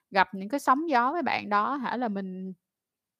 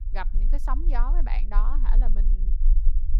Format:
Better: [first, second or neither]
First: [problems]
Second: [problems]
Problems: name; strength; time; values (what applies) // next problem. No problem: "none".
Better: first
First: none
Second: low rumble; noticeable; throughout; 15 dB below the speech